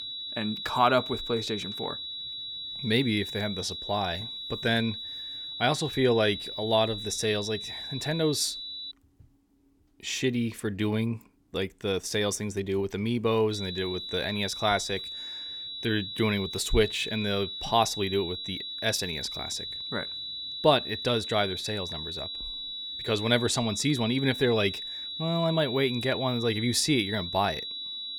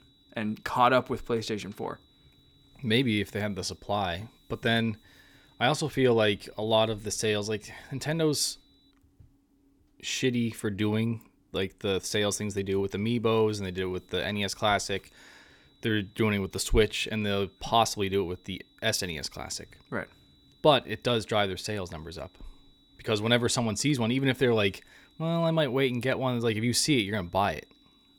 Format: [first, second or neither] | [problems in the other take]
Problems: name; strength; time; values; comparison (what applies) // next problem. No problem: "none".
second | high-pitched whine; loud; until 9 s and from 14 s on; 4 kHz, 6 dB below the speech; faint in the second